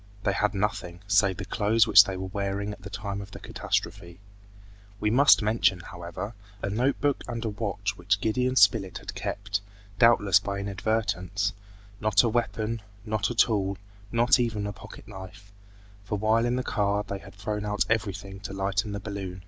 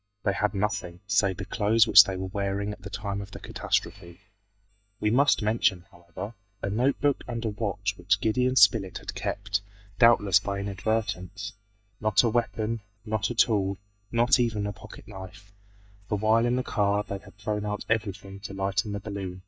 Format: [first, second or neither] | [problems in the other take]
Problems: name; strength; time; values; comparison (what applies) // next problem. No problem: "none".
first | noise reduction (neural mask model DeepFilterNet 3)